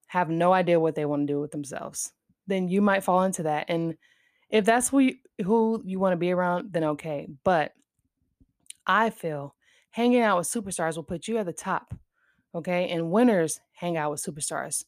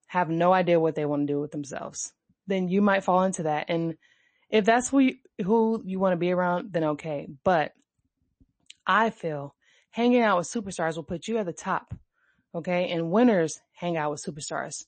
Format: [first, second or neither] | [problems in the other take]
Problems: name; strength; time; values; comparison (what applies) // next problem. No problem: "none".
first | garbled, watery; slightly; nothing above 8 kHz